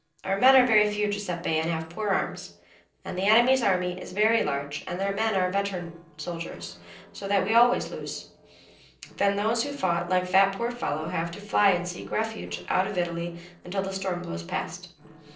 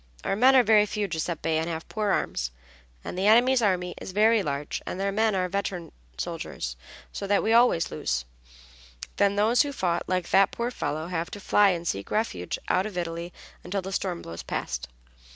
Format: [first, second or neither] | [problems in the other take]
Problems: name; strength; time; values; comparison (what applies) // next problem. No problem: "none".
second | noise reduction (neural separator model SepFormer DNS4)